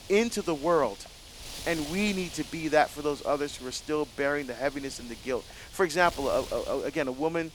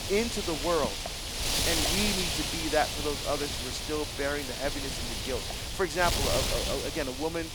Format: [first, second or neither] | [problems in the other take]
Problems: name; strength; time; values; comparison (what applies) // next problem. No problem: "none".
first | wind noise on the microphone; heavy; as loud as the speech; occasional gusts in the first